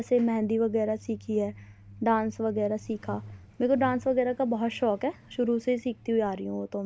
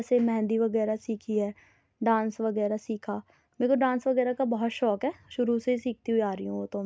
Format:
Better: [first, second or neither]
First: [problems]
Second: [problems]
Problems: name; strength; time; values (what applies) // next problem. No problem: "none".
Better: second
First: background sound (Truck); 20 dB below the speech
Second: none